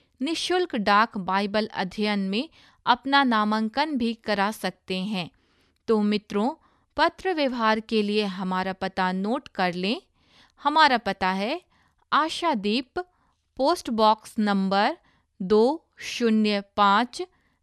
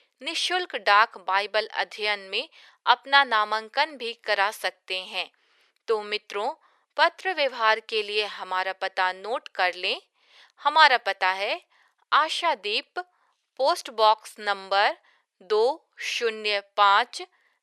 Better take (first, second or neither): first